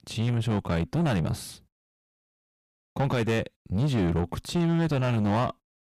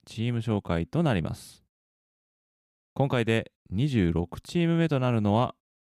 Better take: second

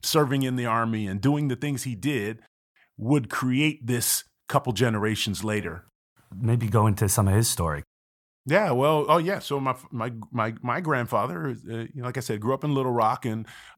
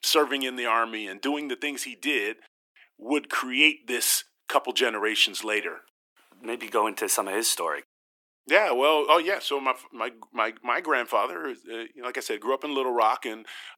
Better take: first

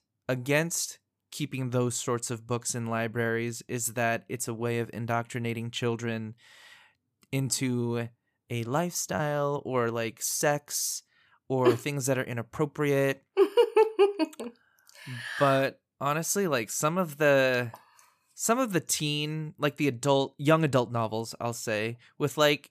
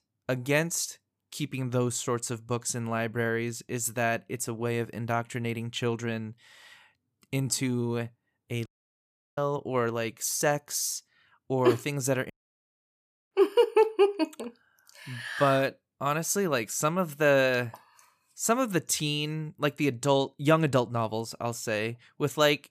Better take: first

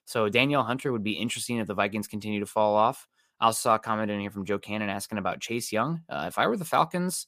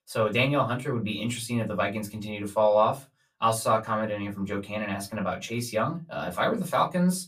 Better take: first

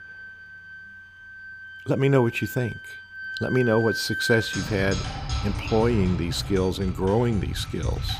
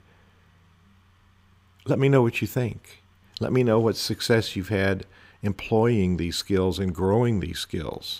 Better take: second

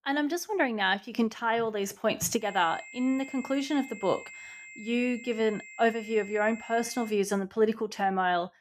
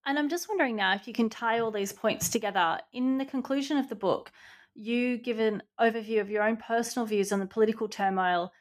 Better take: second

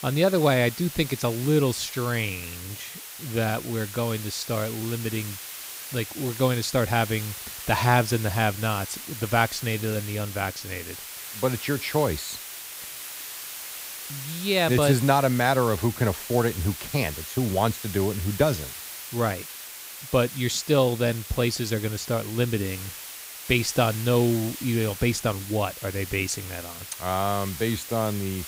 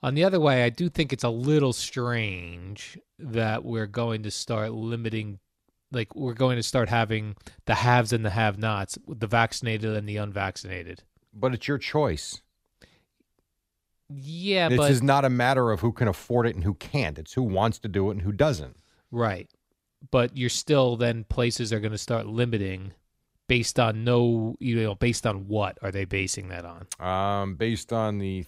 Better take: second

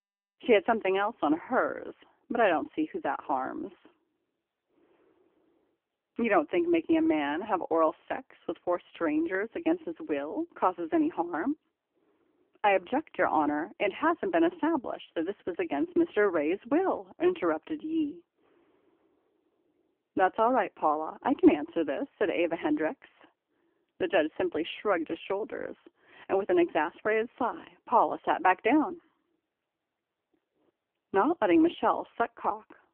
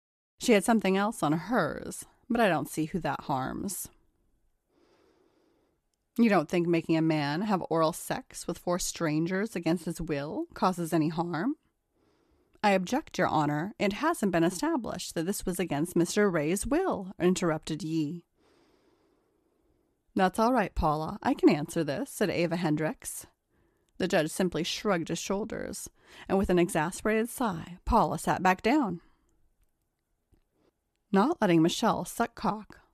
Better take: second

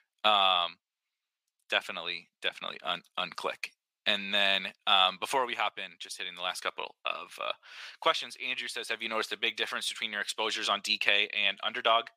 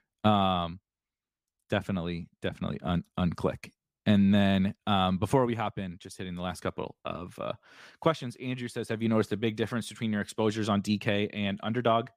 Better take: second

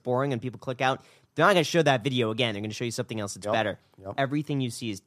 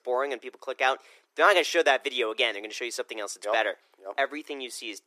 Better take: first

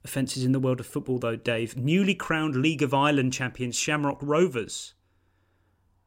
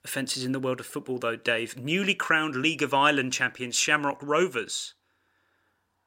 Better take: first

